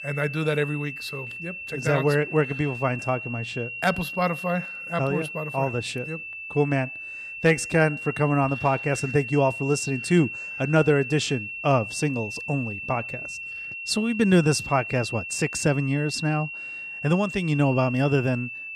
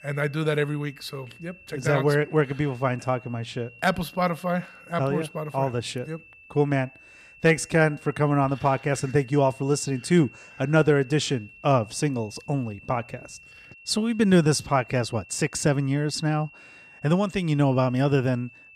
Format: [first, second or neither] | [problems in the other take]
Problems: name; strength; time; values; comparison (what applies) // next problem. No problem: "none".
second | high-pitched whine; loud; throughout; 2.5 kHz, 8 dB below the speech; faint in the second